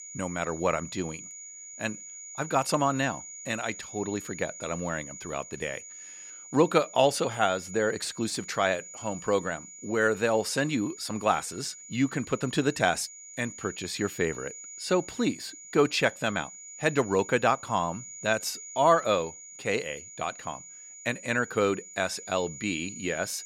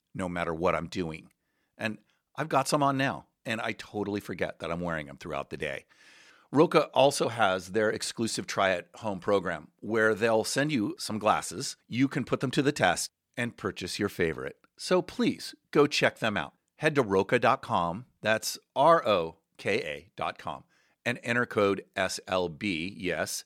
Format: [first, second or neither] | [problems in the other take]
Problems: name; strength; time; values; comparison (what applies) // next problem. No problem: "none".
second | high-pitched whine; noticeable; throughout; 7 kHz, 15 dB below the speech